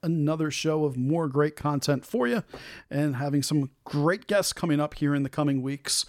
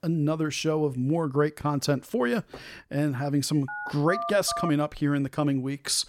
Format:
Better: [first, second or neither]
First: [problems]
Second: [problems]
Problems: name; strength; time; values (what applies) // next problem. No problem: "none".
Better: first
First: none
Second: phone ringing; noticeable; from 3.5 to 4.5 s; peak 6 dB below the speech